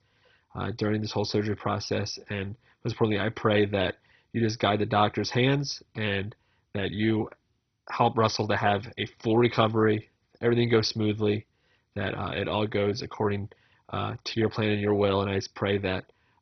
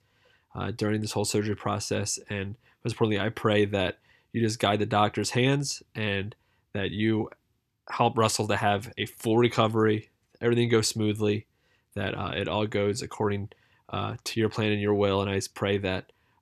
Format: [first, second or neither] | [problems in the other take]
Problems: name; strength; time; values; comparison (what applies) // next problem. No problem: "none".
second | garbled, watery; badly; nothing above 6 kHz